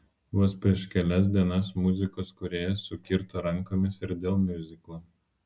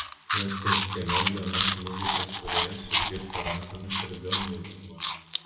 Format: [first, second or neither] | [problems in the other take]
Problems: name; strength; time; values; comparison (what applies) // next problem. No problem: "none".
first | background sound (Chewing, mastication); 4 dB above the speech // room echo; dies away in 1.2 s